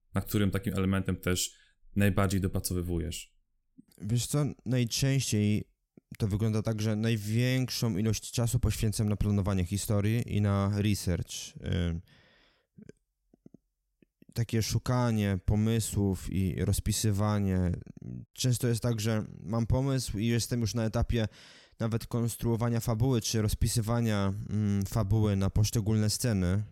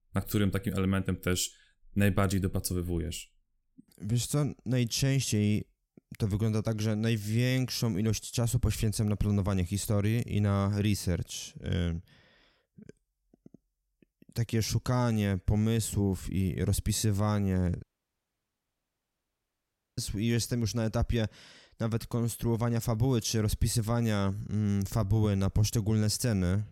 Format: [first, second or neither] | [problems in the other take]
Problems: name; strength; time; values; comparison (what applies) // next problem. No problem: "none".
first | audio cutting out; at 18 s for 2 s